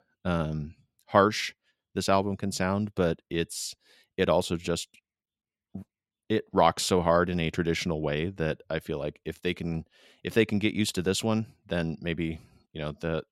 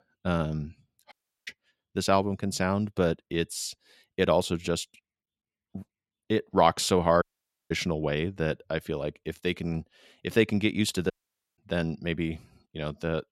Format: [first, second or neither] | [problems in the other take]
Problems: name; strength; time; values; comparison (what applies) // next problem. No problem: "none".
first | audio cutting out; at 1 s, at 7 s and at 11 s